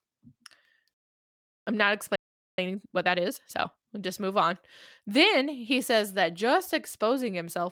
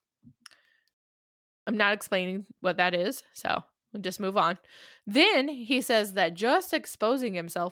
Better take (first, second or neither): second